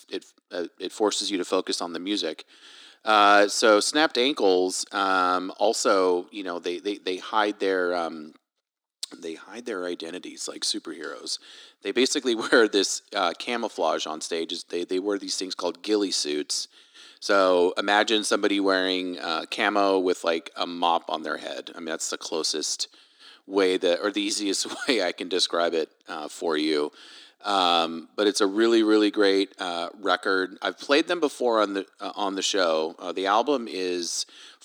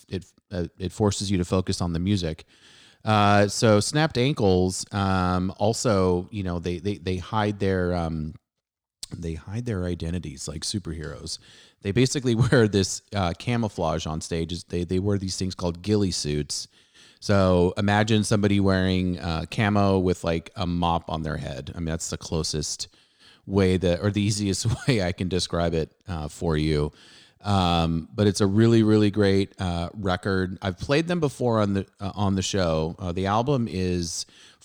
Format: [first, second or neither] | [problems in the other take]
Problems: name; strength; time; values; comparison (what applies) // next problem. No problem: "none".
second | thin; somewhat; fading below 300 Hz